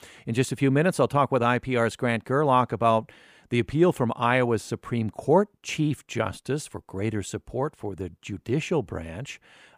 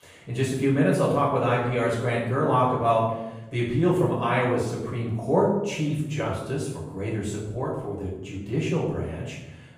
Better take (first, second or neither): first